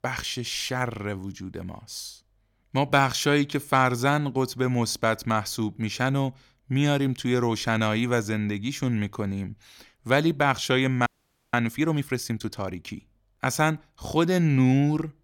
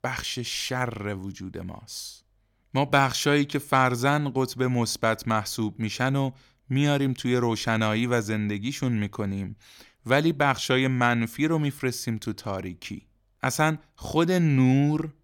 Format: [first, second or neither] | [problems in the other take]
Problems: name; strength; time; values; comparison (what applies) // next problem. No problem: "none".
second | audio freezing; at 11 s